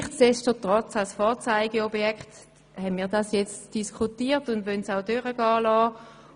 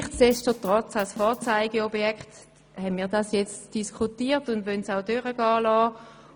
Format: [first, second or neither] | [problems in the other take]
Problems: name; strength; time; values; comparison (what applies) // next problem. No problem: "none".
first | background sound (Drum / Drum kit); 17 dB below the speech